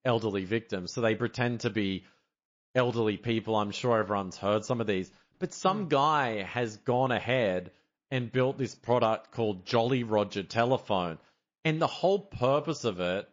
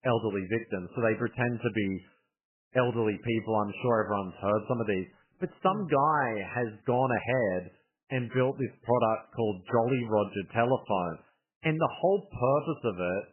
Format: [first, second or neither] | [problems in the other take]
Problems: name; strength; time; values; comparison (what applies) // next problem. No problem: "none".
first | garbled, watery; badly; nothing above 3 kHz; slightly in the first